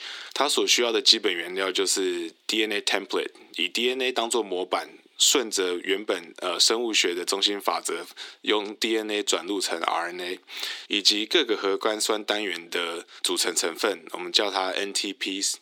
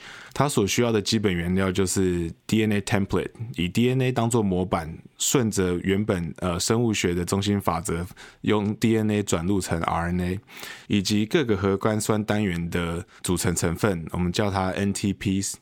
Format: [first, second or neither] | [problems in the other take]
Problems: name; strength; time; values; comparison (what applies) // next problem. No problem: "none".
second | thin; somewhat; fading below 300 Hz